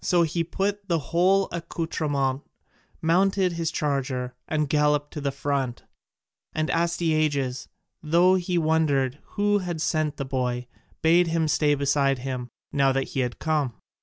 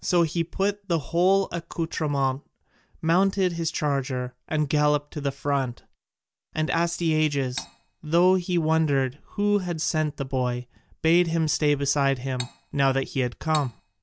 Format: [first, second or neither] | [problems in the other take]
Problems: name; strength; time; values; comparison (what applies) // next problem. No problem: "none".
first | background sound (Cutlery, silverware); 15 dB below the speech